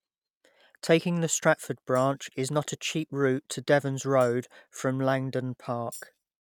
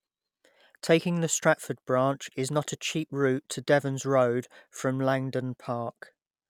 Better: second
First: noise reduction (neural mask model RNNoise)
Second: none

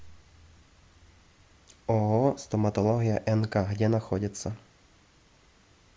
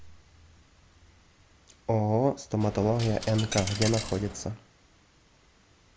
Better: first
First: none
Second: background sound (Coin (dropping)); 7 dB below the speech

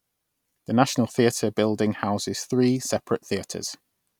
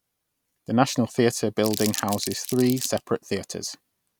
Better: first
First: none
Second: background sound (Crumpling, crinkling); 9 dB below the speech

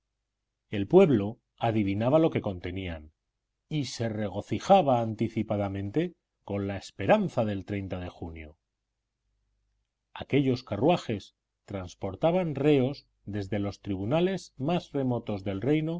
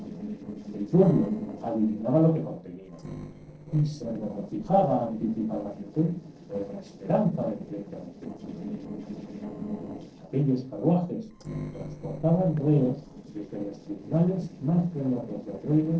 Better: first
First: none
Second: noise reduction (neural separator model SepFormer DNS4)

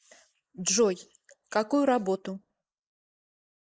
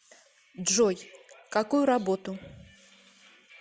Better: second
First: noise reduction (neural mask model Resemble Enhance denoiser)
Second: none

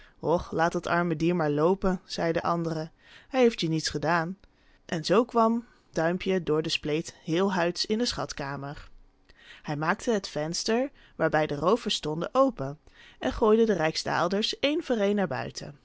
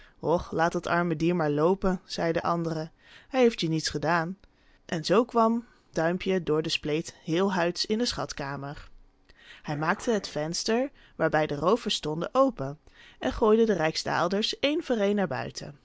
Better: first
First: none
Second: background sound (Dog); 20 dB below the speech

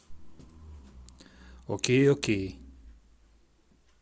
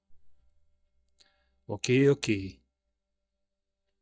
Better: first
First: none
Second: noise reduction (neural mask model DeepFilterNet 3)

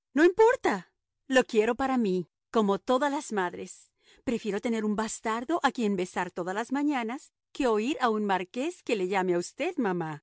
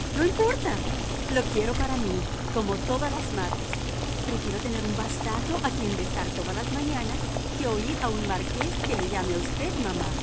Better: first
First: none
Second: background sound (Boiling); 2 dB above the speech

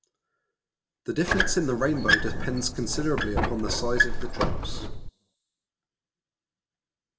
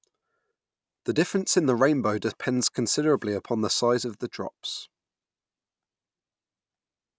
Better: second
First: background sound (Squeak); 5 dB above the speech // room echo; dies away in 0.7 s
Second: none

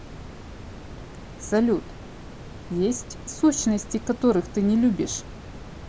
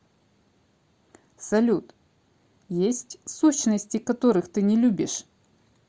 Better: second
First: background sound (Water); 13 dB below the speech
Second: none

